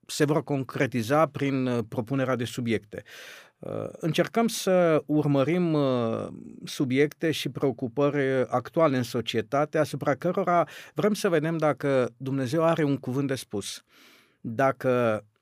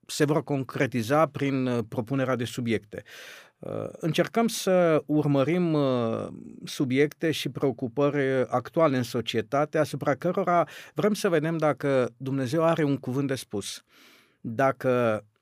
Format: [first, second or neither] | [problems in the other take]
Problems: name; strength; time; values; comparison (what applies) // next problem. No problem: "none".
neither | none